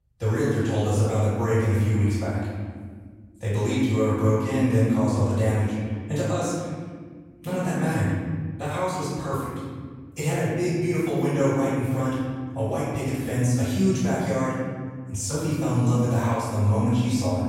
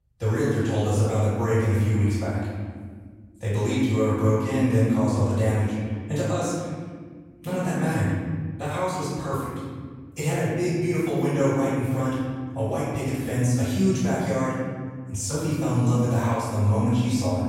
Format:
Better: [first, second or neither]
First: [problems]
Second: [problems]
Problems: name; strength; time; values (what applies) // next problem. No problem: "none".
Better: neither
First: off-mic speech; far // room echo; strong; dies away in 2 s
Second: off-mic speech; far // room echo; strong; dies away in 2 s